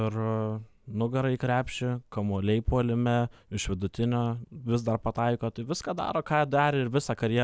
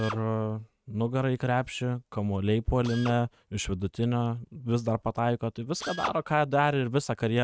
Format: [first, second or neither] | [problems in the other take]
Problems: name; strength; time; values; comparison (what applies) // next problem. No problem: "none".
first | noise reduction (neural mask model RNNoise)